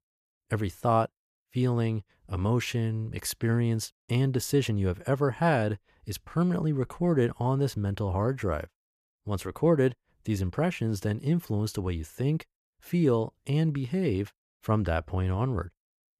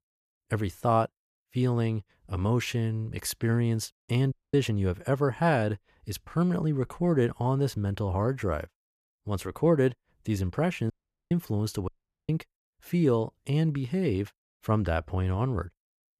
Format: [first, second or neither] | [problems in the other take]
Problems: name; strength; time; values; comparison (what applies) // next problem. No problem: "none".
first | audio cutting out; at 4.5 s, at 11 s and at 12 s